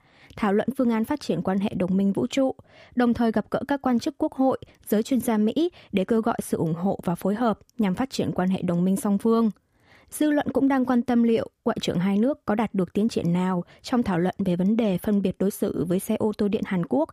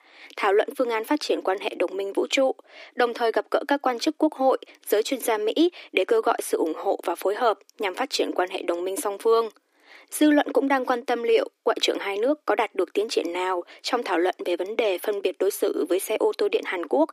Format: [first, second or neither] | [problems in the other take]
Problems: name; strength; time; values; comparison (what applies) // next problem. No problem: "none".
first | thin; somewhat; fading below 300 Hz